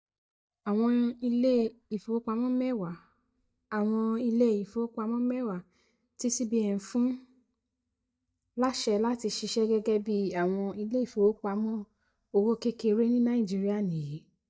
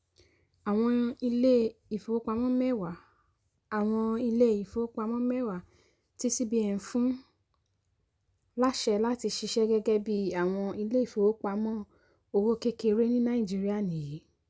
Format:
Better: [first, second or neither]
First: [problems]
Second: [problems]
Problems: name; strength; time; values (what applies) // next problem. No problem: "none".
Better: second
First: noise reduction (neural mask model DeepFilterNet 3)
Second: none